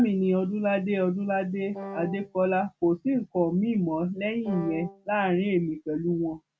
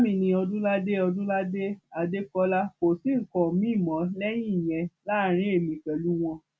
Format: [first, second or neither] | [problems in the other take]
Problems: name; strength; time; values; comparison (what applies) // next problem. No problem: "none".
second | background sound (Wind instrument, woodwind instrument); 12 dB below the speech